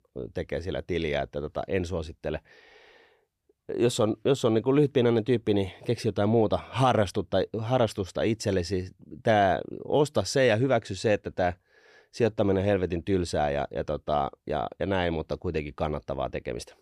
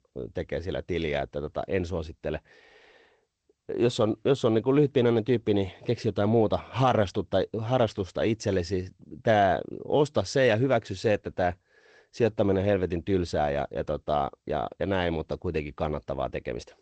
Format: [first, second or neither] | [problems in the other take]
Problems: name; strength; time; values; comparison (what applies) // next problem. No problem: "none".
first | garbled, watery; slightly; nothing above 8 kHz